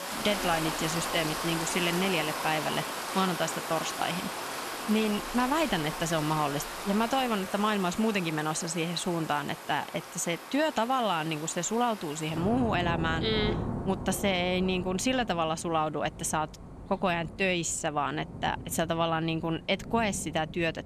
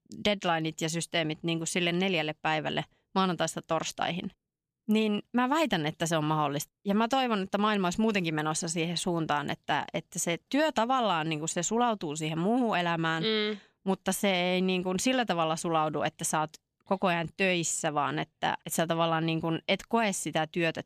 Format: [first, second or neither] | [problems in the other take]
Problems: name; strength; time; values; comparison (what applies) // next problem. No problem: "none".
second | rain or running water; loud; throughout; 7 dB below the speech